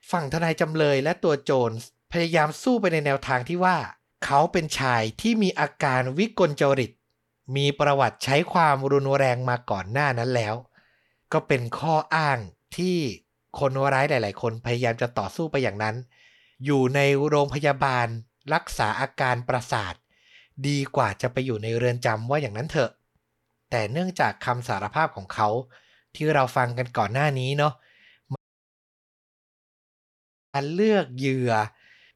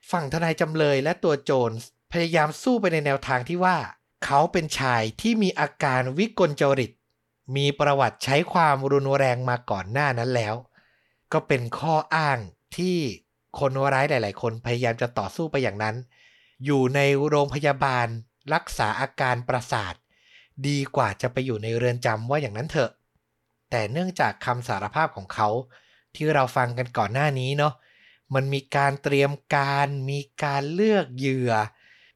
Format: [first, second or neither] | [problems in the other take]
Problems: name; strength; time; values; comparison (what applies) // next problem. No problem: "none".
second | audio cutting out; at 28 s for 2 s